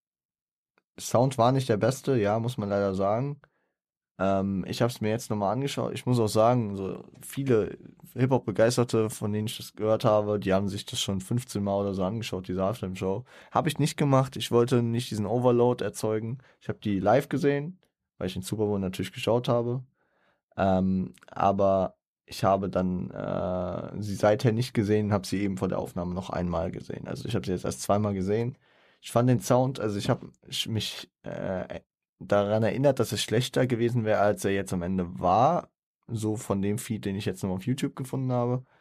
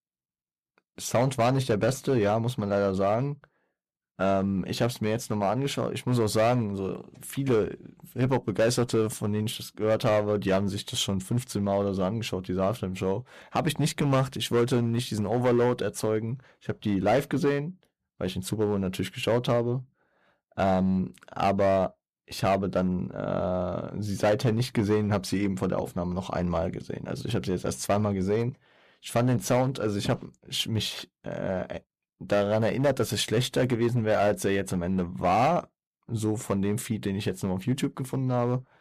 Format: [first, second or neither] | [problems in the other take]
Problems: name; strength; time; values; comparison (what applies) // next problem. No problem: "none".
first | distortion; slight; 5% of the sound clipped